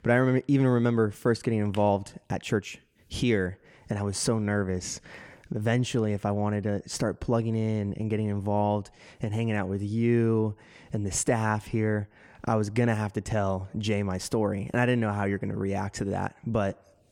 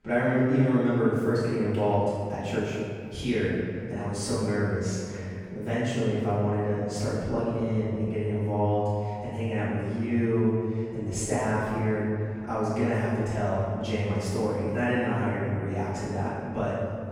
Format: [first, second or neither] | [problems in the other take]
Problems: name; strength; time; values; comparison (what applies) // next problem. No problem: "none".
first | off-mic speech; far // room echo; strong; dies away in 2 s